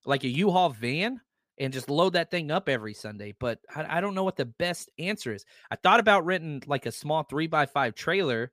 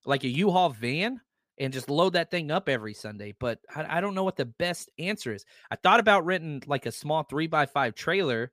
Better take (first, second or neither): neither